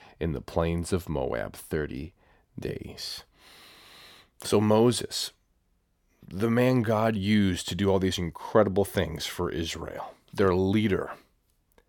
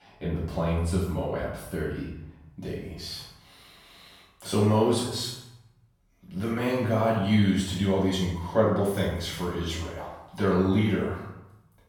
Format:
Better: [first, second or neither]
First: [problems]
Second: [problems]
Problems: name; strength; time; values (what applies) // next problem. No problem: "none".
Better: first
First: none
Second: off-mic speech; far // room echo; noticeable; dies away in 0.8 s